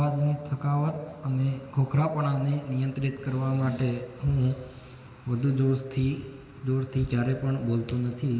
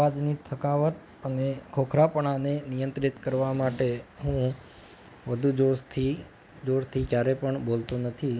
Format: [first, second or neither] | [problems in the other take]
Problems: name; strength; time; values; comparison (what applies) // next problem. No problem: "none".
second | room echo; dies away in 1.9 s